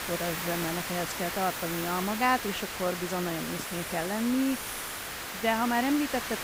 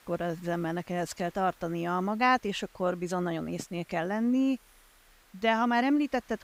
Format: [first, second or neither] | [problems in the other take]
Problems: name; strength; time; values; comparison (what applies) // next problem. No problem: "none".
second | hiss; loud; throughout; 4 dB below the speech; faint in the second